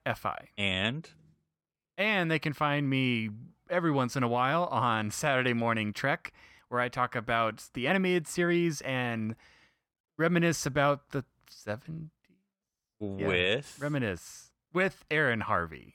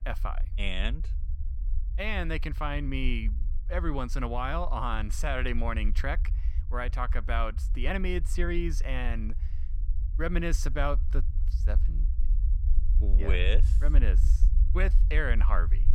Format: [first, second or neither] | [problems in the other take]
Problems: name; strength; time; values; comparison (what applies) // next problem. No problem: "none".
first | low rumble; noticeable; throughout; 20 dB below the speech